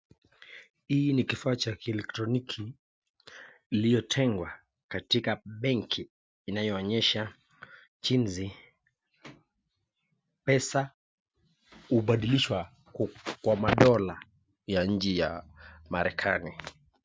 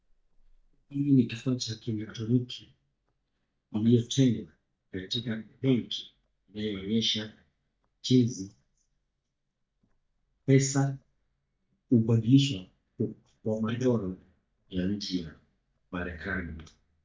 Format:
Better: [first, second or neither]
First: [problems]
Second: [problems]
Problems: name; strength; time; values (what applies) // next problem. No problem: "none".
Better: first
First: none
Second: noise reduction (neural mask model DeepFilterNet 3)